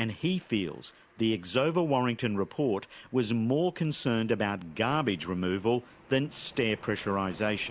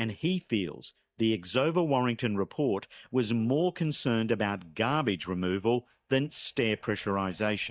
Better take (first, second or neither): first